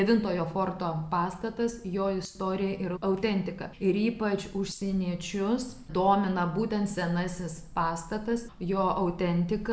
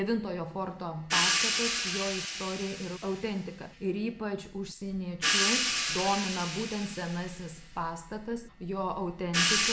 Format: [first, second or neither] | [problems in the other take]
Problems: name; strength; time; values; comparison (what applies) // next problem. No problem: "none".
first | background sound (Crash cymbal / Hi-hat); 1 dB above the speech